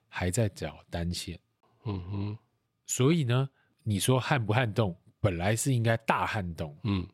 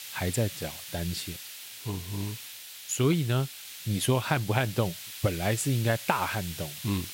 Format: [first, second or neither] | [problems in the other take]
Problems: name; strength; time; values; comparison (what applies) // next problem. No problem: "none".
first | hiss; loud; throughout; 10 dB below the speech